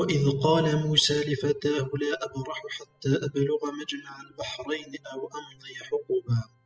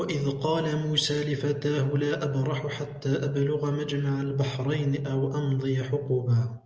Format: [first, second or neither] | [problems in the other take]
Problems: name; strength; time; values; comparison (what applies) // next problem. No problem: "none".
second | noise reduction (classical method spectral subtraction)